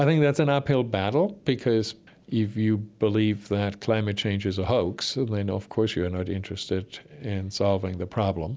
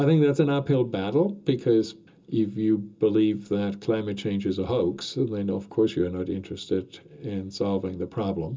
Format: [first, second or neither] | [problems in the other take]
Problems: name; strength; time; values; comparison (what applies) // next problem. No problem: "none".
first | room echo; dies away in 0.2 s